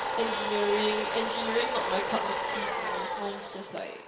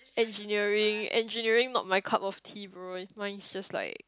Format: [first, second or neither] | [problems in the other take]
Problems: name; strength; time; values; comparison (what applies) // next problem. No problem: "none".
second | background sound (Domestic sounds, home sounds); 1 dB above the speech // room echo; dies away in 0.8 s